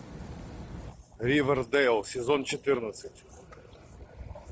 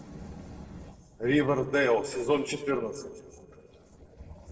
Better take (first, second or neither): first